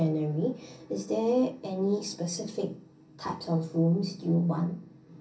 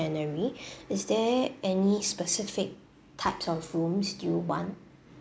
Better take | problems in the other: second | room echo; dies away in 0.3 s

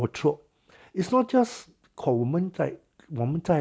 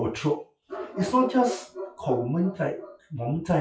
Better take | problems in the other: first | noise reduction (classical method WPE with log-MMSE)

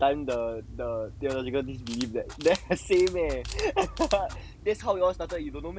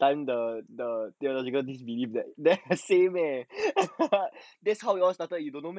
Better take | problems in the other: second | background sound (Clock + Camera); 12 dB below the speech

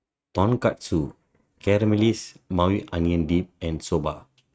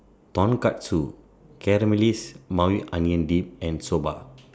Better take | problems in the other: second | noise reduction (neural mask model RNNoise)

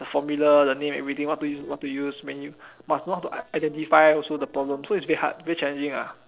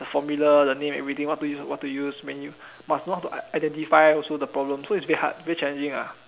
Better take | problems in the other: second | noise reduction (neural separator model SepFormer DNS4)

